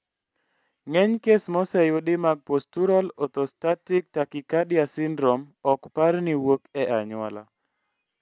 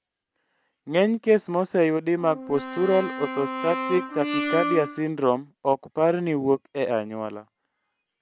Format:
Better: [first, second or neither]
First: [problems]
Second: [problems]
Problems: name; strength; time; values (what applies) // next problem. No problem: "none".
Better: first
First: none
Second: background sound (Brass instrument); 5 dB below the speech